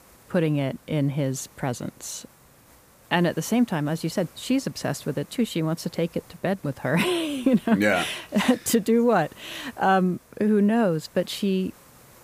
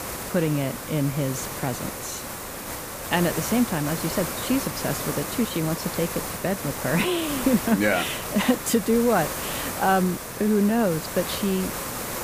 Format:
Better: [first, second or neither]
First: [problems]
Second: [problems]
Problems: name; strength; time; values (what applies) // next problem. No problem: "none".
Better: first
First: hiss; faint; throughout; 25 dB below the speech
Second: hiss; loud; throughout; 5 dB below the speech